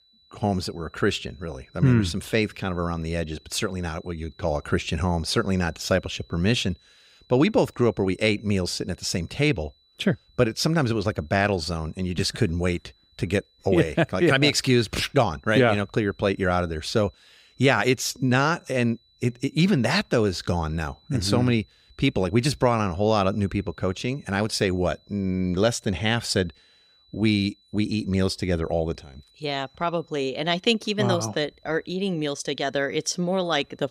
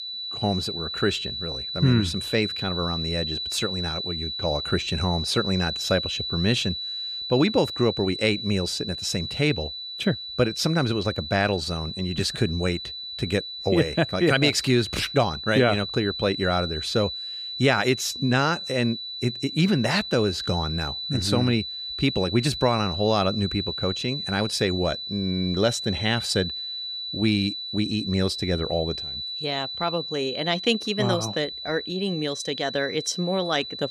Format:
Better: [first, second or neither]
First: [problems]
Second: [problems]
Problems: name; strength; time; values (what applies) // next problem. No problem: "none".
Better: first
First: high-pitched whine; faint; throughout; 4 kHz, 35 dB below the speech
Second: high-pitched whine; loud; throughout; 4 kHz, 5 dB below the speech